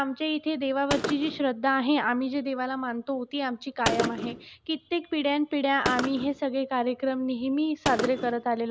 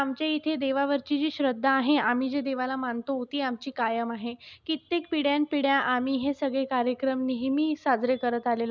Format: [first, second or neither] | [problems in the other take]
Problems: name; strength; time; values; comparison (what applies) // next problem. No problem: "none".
second | background sound (Gunshot, gunfire); 9 dB below the speech